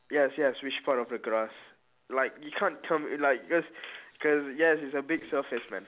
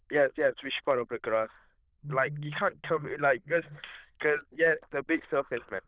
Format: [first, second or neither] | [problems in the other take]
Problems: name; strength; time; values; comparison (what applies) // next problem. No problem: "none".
first | noise reduction (neural diffusion model UNIVERSE++)